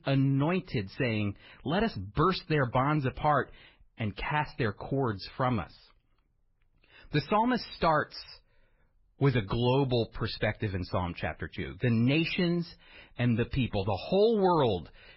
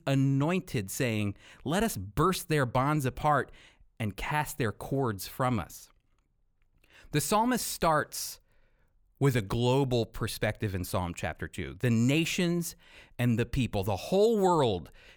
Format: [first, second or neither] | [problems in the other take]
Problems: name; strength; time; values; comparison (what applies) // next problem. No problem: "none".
second | garbled, watery; badly; nothing above 5.5 kHz